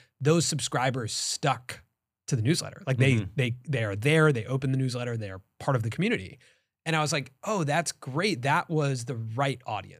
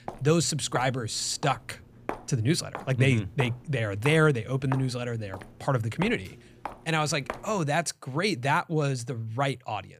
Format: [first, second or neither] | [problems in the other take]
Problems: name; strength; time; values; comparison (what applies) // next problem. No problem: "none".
first | footsteps; faint; until 7.5 s; peak 10 dB below the speech